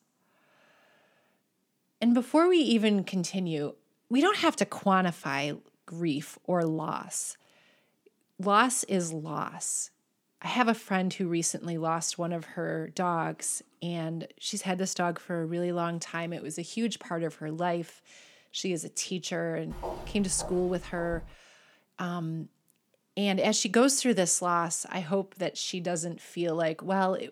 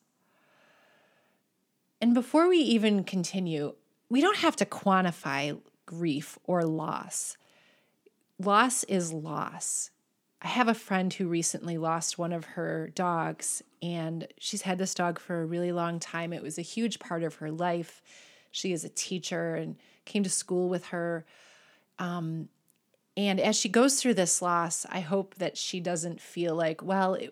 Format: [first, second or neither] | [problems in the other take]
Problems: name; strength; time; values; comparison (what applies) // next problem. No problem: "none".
second | footsteps; noticeable; from 20 to 21 s; peak 10 dB below the speech